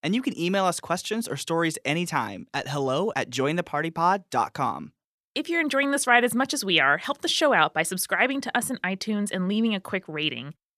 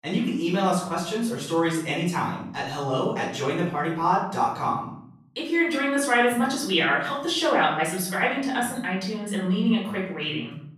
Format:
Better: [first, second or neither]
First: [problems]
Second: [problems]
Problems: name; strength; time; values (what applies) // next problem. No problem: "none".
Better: first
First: none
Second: off-mic speech; far // room echo; noticeable; dies away in 0.6 s